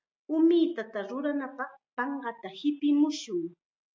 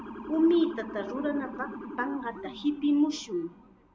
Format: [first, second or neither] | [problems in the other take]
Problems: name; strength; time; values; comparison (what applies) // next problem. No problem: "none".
first | background sound (Motor vehicle (road) / Siren); 12 dB below the speech